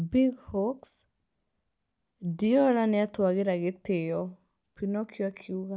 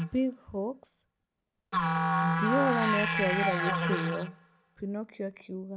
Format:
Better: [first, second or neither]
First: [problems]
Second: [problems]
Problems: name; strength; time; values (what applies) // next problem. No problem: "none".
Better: first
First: none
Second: background sound (Musical instrument); 1 dB above the speech